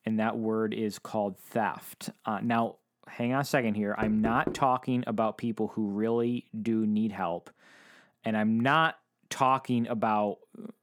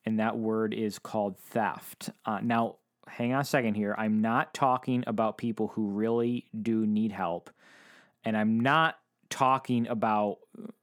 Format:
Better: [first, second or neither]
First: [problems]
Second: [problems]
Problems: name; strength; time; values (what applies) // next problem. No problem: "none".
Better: second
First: door banging; noticeable; at 4 s; peak 6 dB below the speech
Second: none